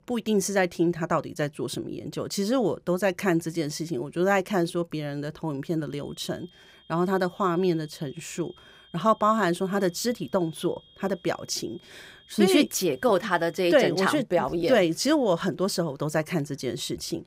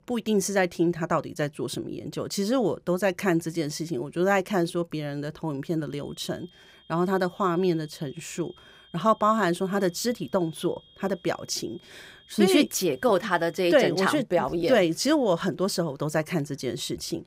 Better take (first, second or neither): neither